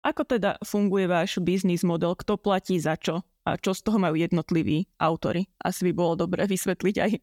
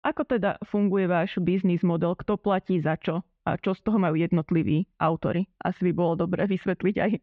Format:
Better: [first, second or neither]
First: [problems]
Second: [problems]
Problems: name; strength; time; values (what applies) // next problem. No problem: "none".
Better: first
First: none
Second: muffled; very; fading above 2.5 kHz